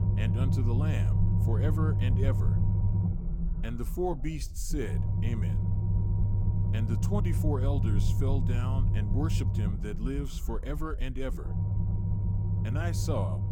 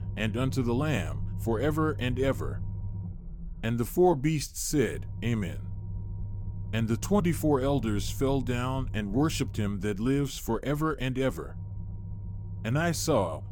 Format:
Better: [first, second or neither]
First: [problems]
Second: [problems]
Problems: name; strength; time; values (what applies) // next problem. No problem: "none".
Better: second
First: low rumble; loud; throughout; 3 dB below the speech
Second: low rumble; faint; throughout; 20 dB below the speech